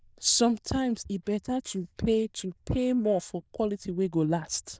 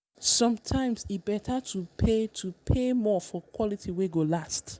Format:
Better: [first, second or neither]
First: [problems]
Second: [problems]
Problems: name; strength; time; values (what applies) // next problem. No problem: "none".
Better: second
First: noise reduction (neural diffusion model UNIVERSE++)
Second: none